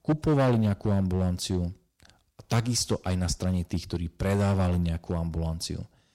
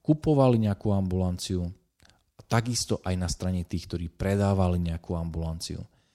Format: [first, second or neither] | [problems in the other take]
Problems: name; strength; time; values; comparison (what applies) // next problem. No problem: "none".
second | distortion; slight; 5% of the sound clipped